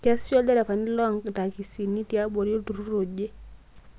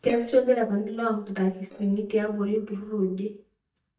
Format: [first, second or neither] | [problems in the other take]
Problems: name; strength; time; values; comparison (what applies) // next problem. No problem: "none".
first | noise reduction (neural mask model DeepFilterNet 3)